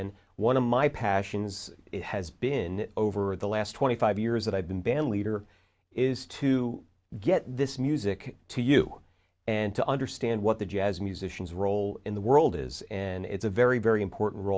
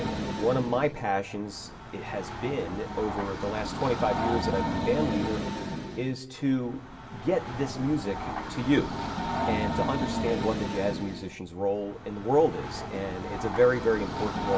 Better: first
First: none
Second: background sound (Train); 4 dB below the speech // room echo; dies away in 0.6 s

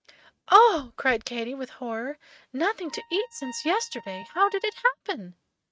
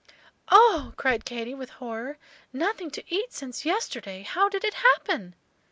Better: second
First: noise reduction (neural mask model RNNoise)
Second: none

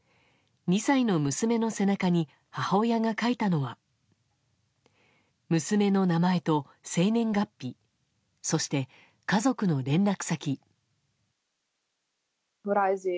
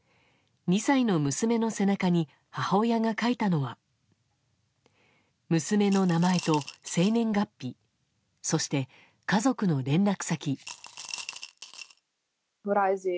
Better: first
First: none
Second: background sound (Coin (dropping) / Glass); 15 dB below the speech

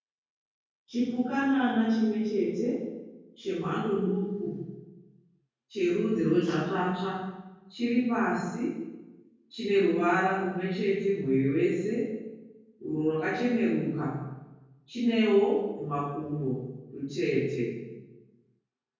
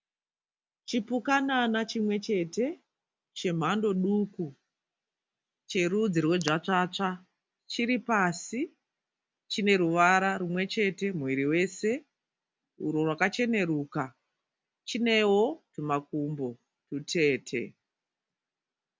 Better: second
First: room echo; dies away in 1.3 s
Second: none

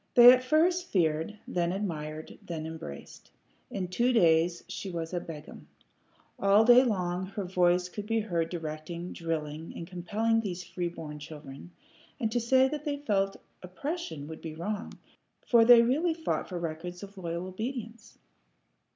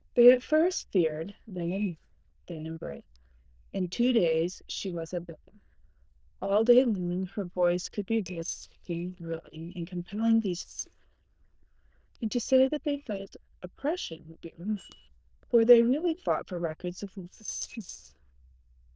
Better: first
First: none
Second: noise reduction (neural diffusion model UNIVERSE++)

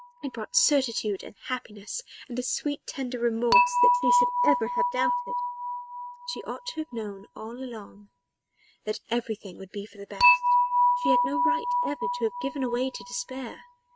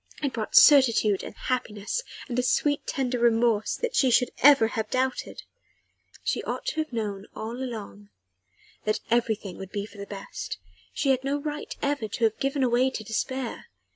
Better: second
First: noise reduction (neural mask model RNNoise)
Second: none

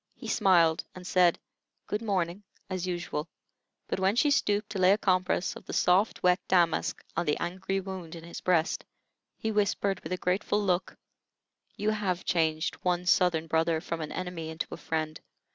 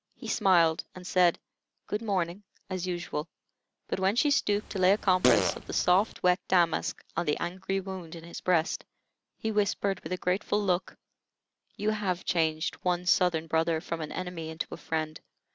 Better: first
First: none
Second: background sound (Fart); 3 dB below the speech

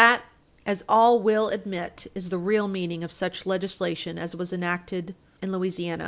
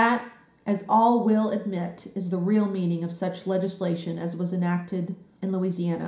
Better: first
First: none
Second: room echo; dies away in 0.5 s

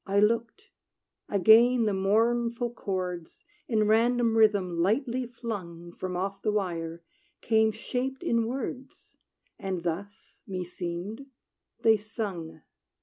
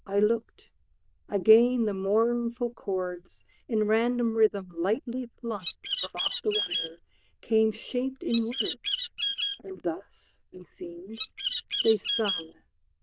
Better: first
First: none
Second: noise reduction (neural diffusion model UNIVERSE++)

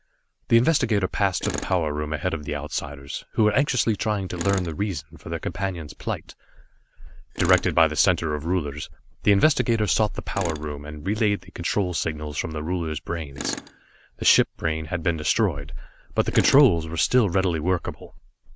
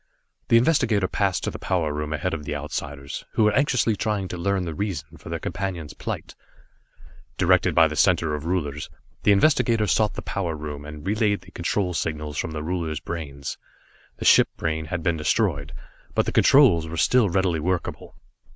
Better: second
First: background sound (Tools); 17 dB below the speech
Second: none

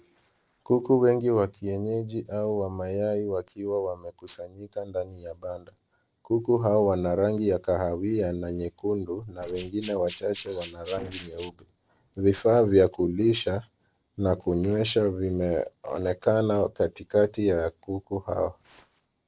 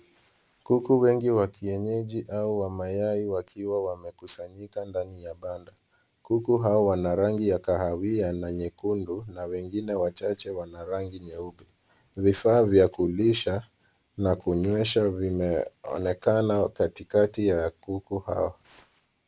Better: second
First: noise reduction (neural separator model SepFormer DNS4)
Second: none

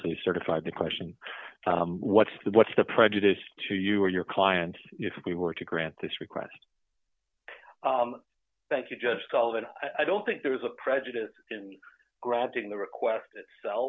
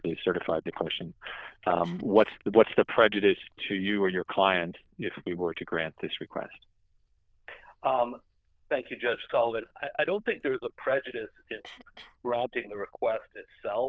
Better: first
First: none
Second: noise reduction (neural diffusion model UNIVERSE++)

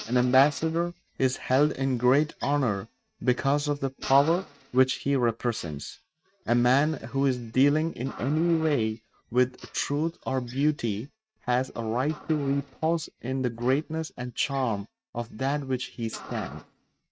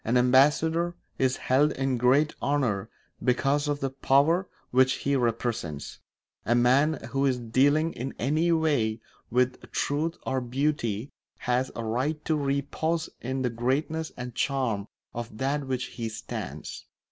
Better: second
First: noise reduction (neural mask model RNNoise)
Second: none

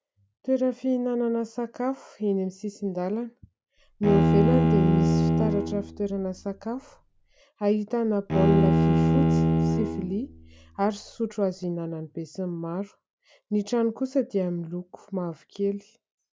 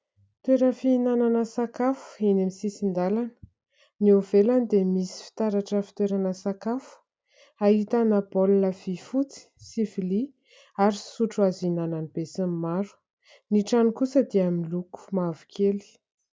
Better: second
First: background sound (Bowed string instrument); 4 dB above the speech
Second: none

